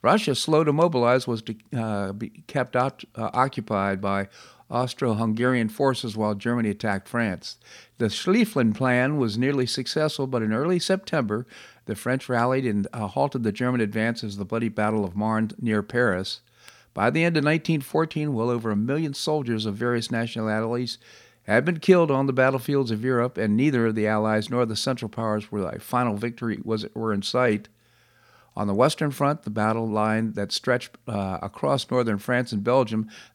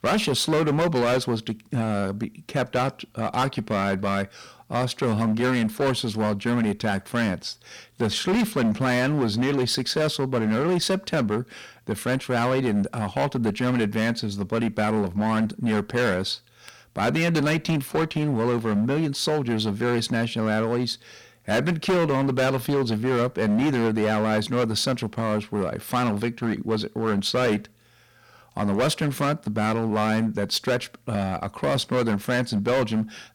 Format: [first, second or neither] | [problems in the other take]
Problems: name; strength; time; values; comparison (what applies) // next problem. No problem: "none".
first | distortion; heavy; 14% of the sound clipped